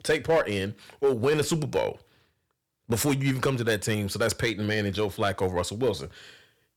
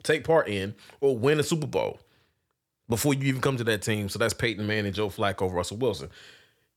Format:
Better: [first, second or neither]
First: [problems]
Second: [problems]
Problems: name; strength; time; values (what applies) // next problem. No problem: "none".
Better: second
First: distortion; slight; 3% of the sound clipped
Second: none